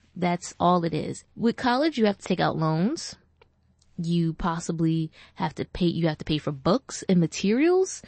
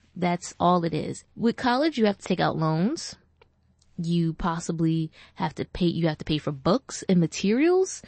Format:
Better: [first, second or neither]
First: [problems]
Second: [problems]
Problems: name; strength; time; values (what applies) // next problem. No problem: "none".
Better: neither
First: garbled, watery; slightly; nothing above 8 kHz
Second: garbled, watery; slightly; nothing above 8 kHz